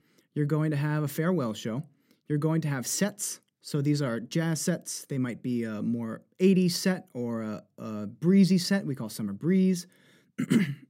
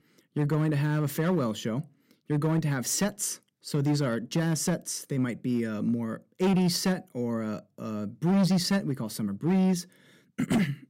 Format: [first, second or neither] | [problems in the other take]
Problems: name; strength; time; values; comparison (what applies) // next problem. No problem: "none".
first | distortion; slight; 7% of the sound clipped